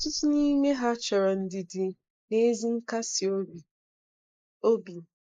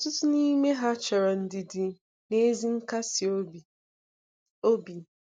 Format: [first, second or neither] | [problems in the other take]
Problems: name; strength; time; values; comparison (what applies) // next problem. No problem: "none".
second | noise reduction (neural mask model Resemble Enhance denoiser)